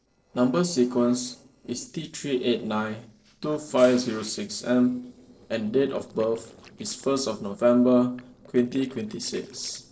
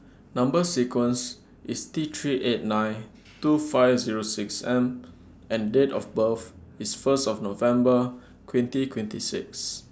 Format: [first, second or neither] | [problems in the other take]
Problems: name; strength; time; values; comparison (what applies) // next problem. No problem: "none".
second | noise reduction (neural separator model SepFormer DNS4)